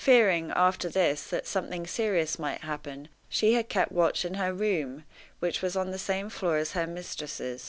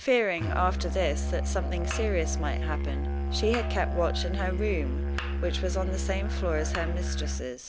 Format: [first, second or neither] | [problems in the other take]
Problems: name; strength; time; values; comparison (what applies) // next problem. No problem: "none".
first | background sound (Musical instrument); 2 dB above the speech